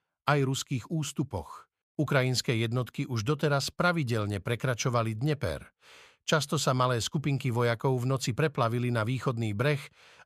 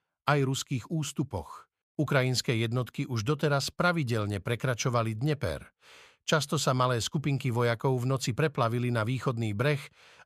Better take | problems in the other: neither | none

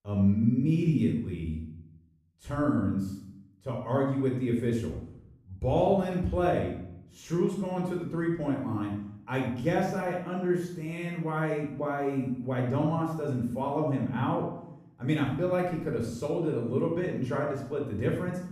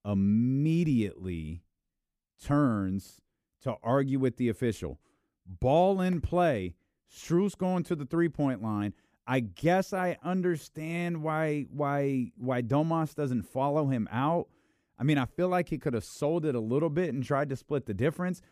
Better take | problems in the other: second | off-mic speech; far // room echo; noticeable; dies away in 0.6 s

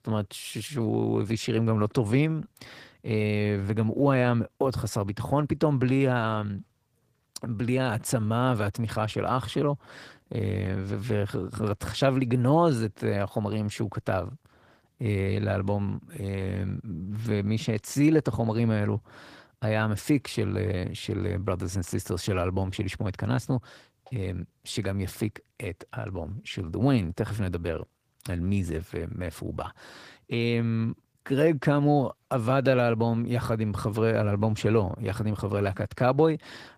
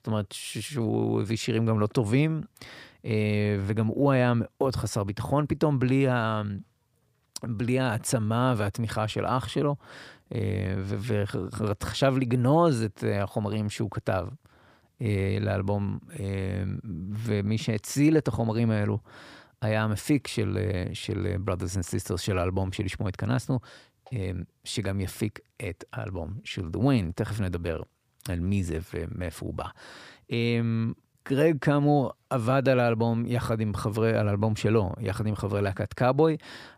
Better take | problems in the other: second | garbled, watery; slightly; nothing above 15 kHz

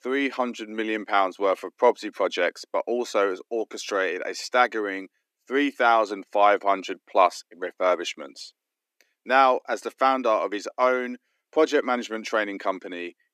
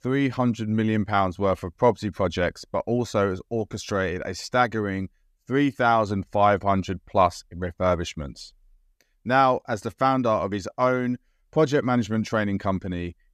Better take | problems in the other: second | thin; somewhat; fading below 300 Hz

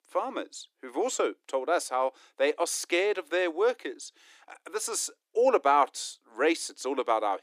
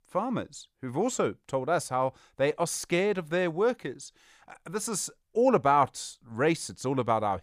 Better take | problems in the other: second | thin; somewhat; fading below 300 Hz

